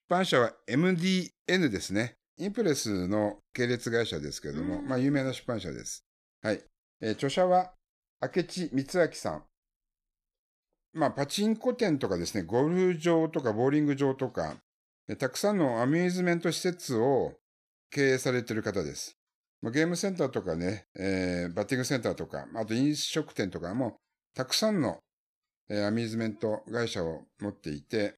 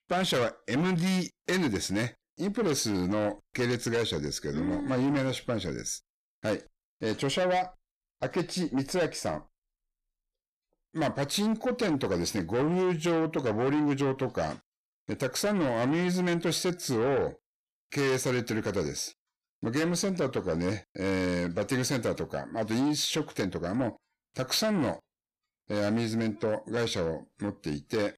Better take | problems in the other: first | distortion; heavy; 8 dB below the speech

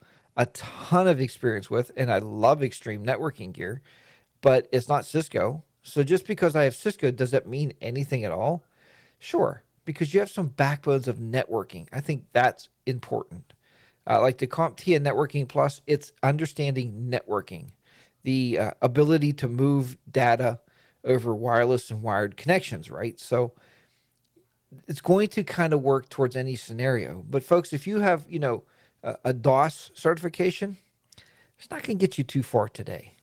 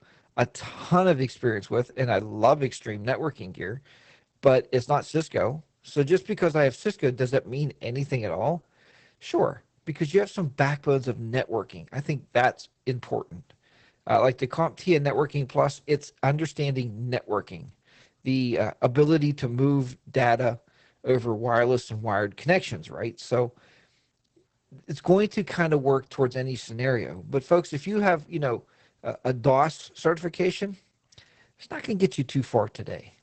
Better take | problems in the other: first | garbled, watery; badly; nothing above 8 kHz; slightly in the first

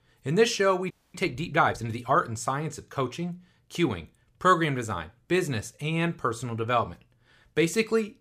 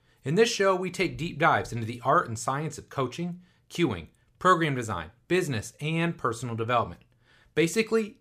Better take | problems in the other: second | audio freezing; at 1 s

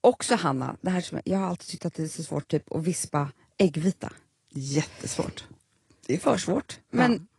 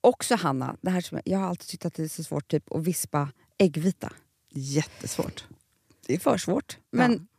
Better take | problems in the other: second | garbled, watery; slightly; nothing above 10.5 kHz

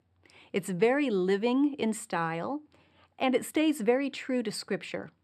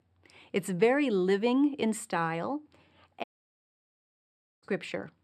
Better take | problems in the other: first | audio cutting out; at 3 s for 1.5 s

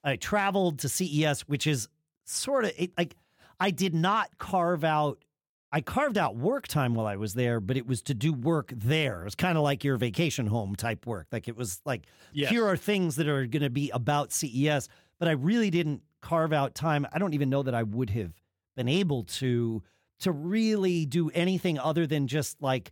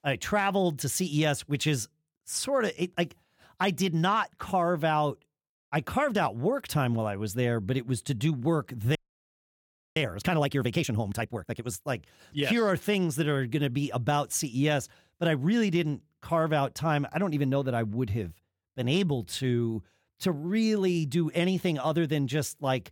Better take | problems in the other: first | audio freezing; at 9 s for 1 s

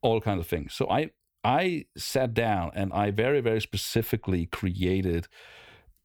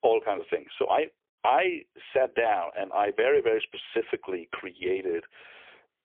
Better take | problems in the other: first | phone-call audio; poor line; nothing above 3.5 kHz

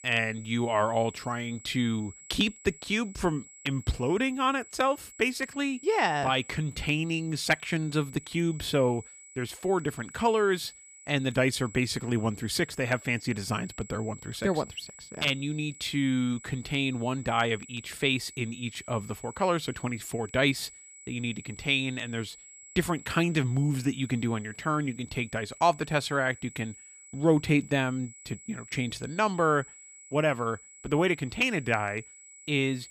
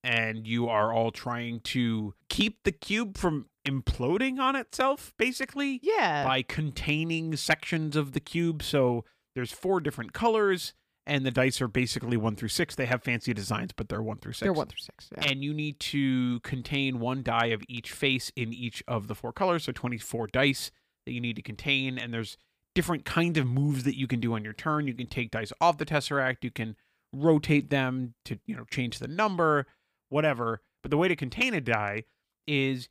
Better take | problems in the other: second | high-pitched whine; noticeable; throughout; 8 kHz, 20 dB below the speech

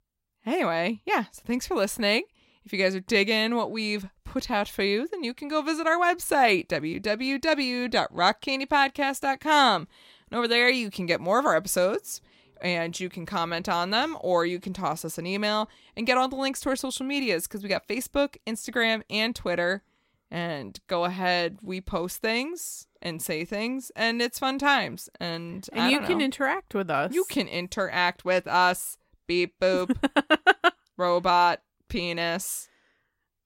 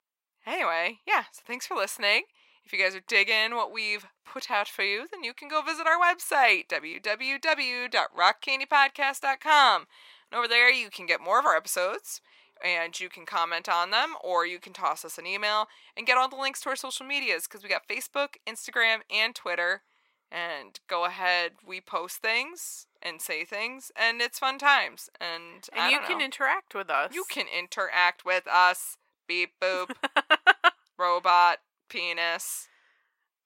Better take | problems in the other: first | thin; very; fading below 550 Hz

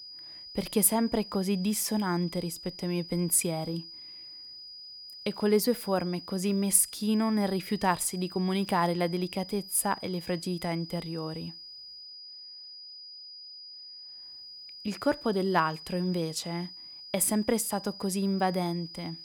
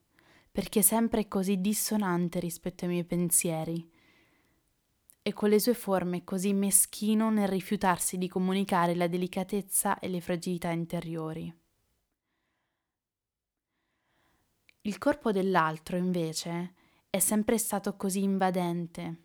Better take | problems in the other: second | high-pitched whine; noticeable; throughout; 5 kHz, 15 dB below the speech

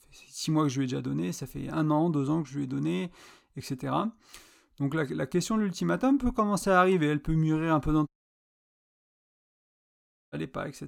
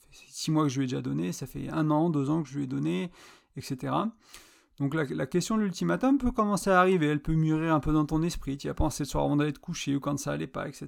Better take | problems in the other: second | audio cutting out; at 8 s for 2 s

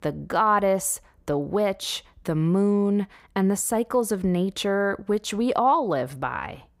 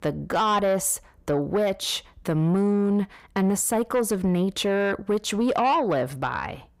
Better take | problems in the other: first | distortion; slight; 10 dB below the speech

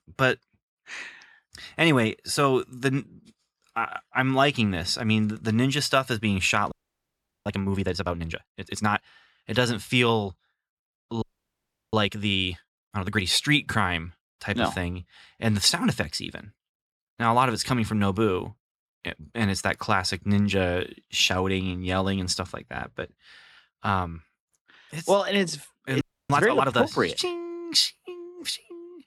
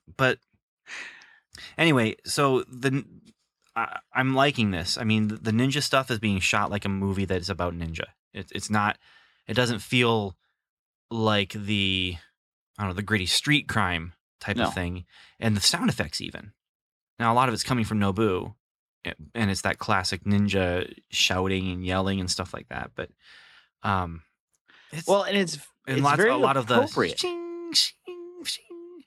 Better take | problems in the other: second | audio freezing; at 6.5 s for 0.5 s, at 11 s for 0.5 s and at 26 s

